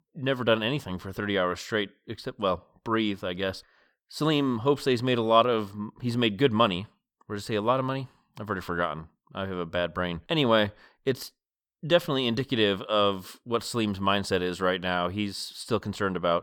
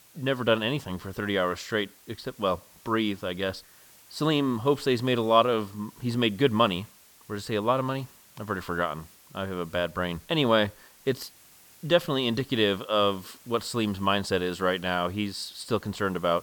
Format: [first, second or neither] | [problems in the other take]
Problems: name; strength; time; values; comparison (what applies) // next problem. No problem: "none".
first | hiss; faint; throughout; 25 dB below the speech